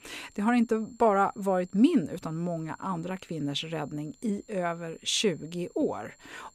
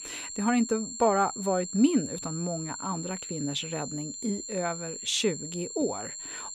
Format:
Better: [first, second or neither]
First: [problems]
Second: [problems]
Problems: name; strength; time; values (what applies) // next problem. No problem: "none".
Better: first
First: high-pitched whine; faint; throughout; 7.5 kHz, 30 dB below the speech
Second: high-pitched whine; loud; throughout; 7.5 kHz, 7 dB below the speech